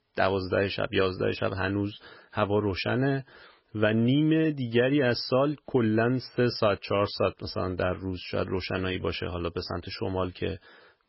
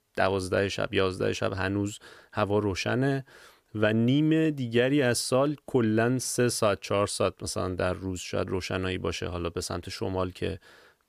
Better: second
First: garbled, watery; badly; nothing above 5.5 kHz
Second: none

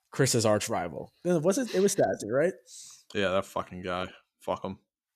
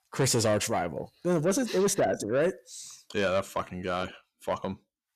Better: first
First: none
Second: distortion; slight; 10 dB below the speech

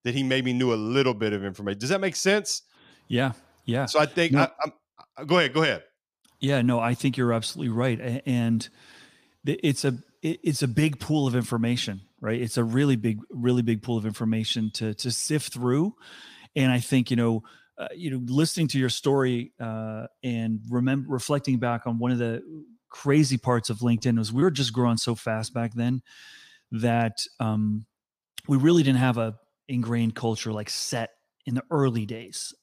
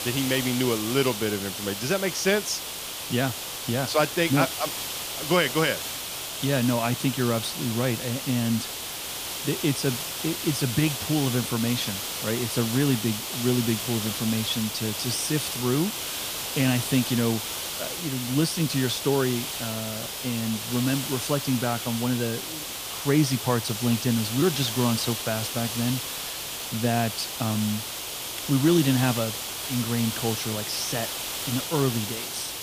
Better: first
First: none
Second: hiss; loud; throughout; 4 dB below the speech

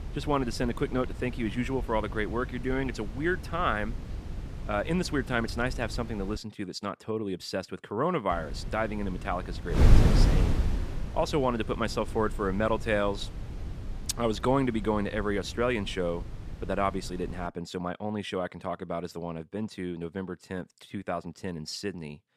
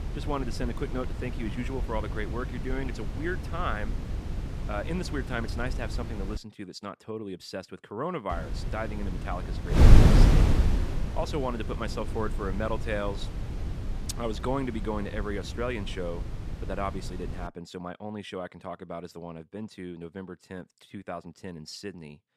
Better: first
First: wind noise on the microphone; occasional gusts; until 6.5 s and from 8.5 to 17 s; 10 dB below the speech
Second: wind noise on the microphone; heavy; until 6.5 s and from 8.5 to 17 s; 3 dB below the speech

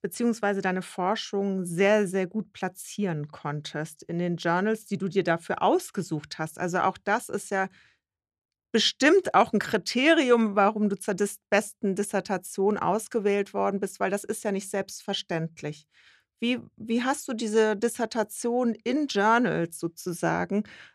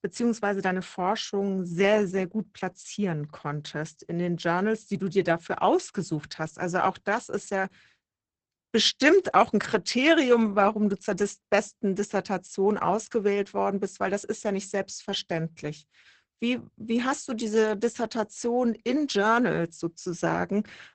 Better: first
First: none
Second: garbled, watery; badly; nothing above 8 kHz

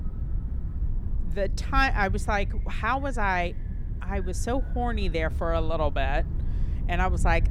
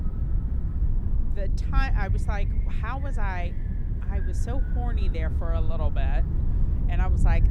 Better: first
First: wind noise on the microphone; occasional gusts; 20 dB below the speech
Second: wind noise on the microphone; heavy; 8 dB below the speech

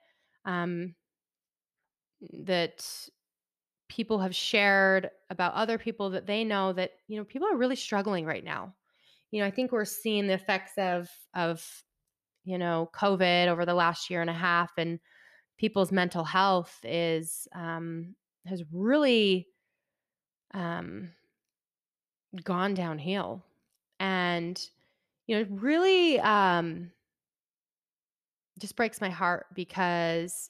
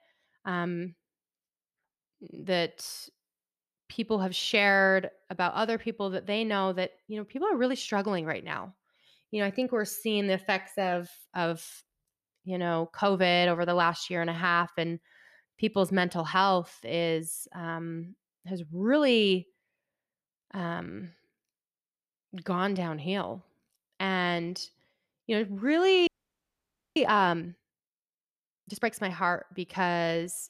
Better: first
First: none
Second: audio freezing; at 26 s for 1 s

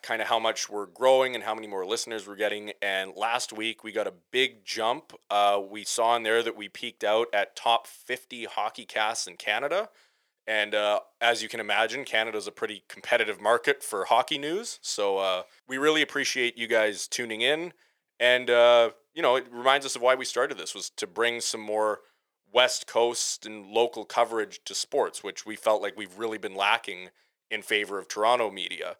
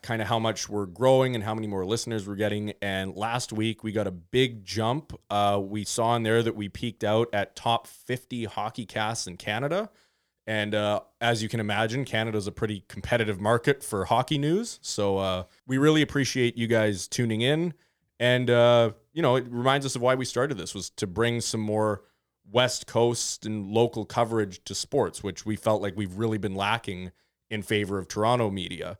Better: second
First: thin; very; fading below 550 Hz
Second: none

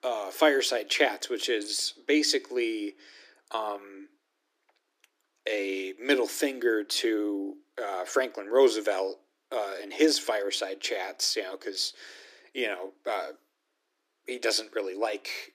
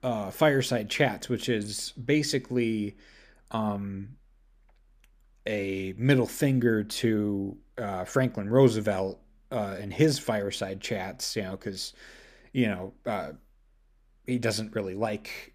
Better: second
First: thin; somewhat; fading below 300 Hz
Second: none

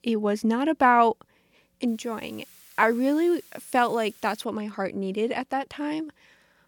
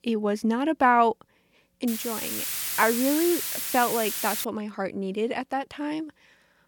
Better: first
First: hiss; faint; from 2 to 4.5 s; 25 dB below the speech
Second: hiss; loud; from 2 to 4.5 s; 2 dB below the speech

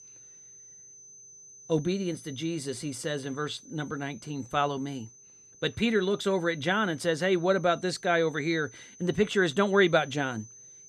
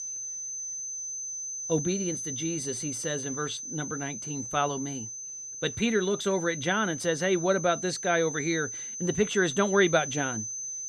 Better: first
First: high-pitched whine; faint; throughout; 6 kHz, 20 dB below the speech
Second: high-pitched whine; loud; throughout; 6 kHz, 6 dB below the speech

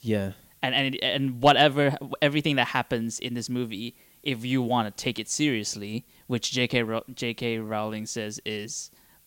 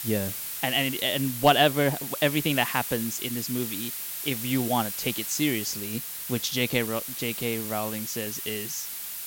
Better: first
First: hiss; faint; throughout; 30 dB below the speech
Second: hiss; loud; throughout; 4 dB below the speech

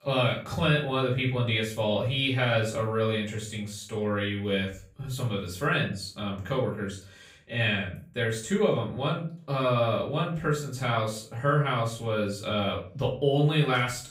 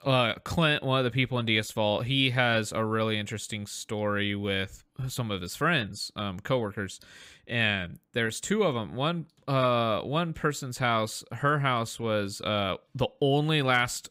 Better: second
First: off-mic speech; far // room echo; slight; dies away in 0.3 s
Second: none

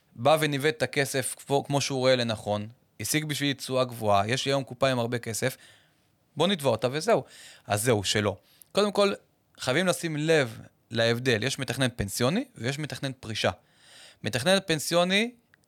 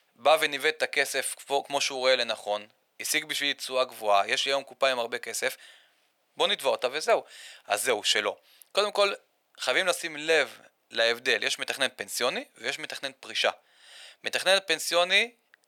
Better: first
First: none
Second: thin; very; fading below 600 Hz

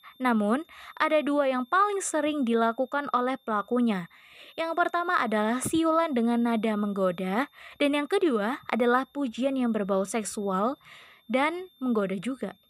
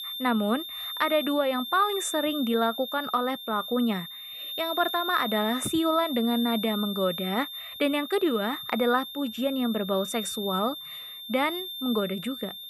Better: first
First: high-pitched whine; faint; throughout; 3.5 kHz, 30 dB below the speech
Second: high-pitched whine; loud; throughout; 3.5 kHz, 7 dB below the speech

